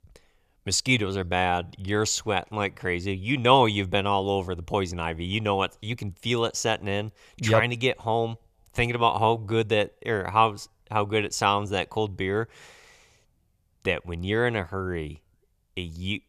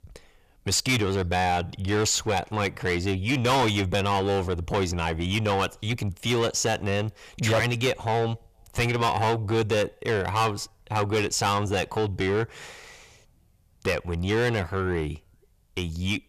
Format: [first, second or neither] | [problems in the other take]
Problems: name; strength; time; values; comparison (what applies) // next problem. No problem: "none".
first | distortion; heavy; 6 dB below the speech